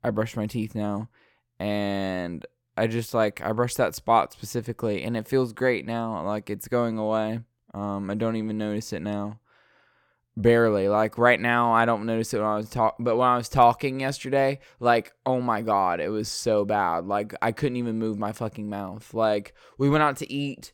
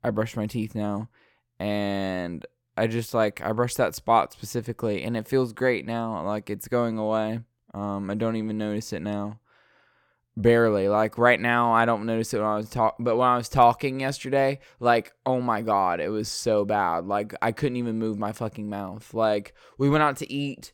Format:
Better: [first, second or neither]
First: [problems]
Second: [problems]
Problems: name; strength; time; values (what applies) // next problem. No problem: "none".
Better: neither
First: none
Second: none